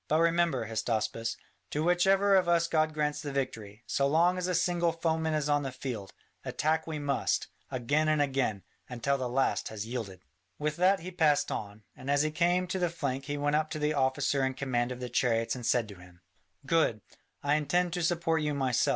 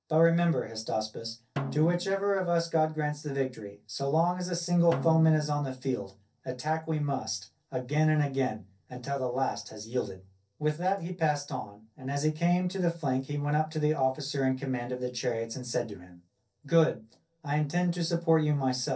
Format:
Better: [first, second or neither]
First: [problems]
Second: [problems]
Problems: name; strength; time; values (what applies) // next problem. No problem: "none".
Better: first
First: none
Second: noise reduction (neural separator model SepFormer DNS4)